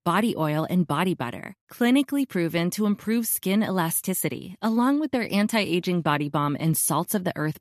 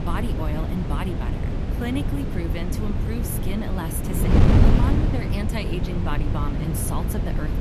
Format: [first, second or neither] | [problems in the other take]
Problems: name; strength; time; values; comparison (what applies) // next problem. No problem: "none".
first | wind noise on the microphone; heavy; 1 dB above the speech